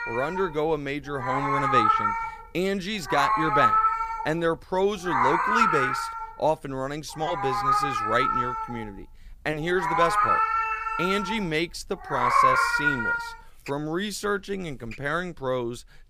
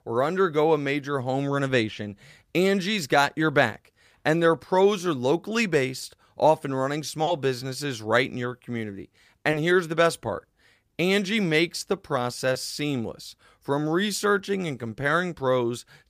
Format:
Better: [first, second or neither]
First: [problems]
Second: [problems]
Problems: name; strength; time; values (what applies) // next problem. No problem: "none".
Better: second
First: animal sounds; very loud; throughout; 4 dB above the speech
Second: none